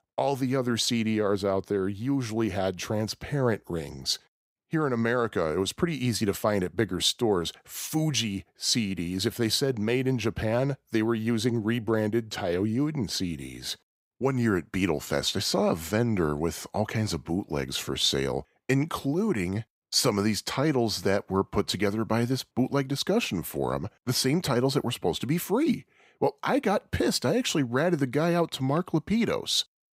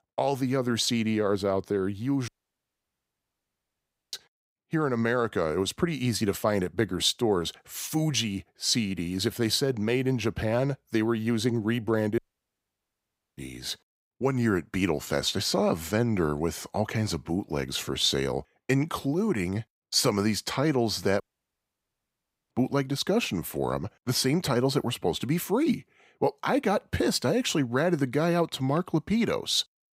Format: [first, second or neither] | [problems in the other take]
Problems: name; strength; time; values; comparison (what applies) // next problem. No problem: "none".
first | audio cutting out; at 2.5 s for 2 s, at 12 s for 1 s and at 21 s for 1.5 s